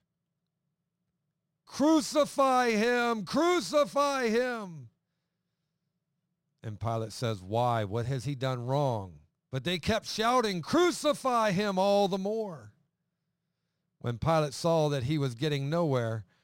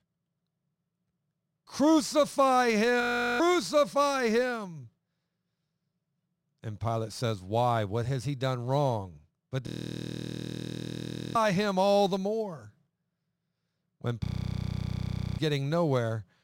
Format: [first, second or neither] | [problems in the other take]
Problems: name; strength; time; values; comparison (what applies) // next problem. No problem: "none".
first | audio freezing; at 3 s, at 9.5 s for 1.5 s and at 14 s for 1 s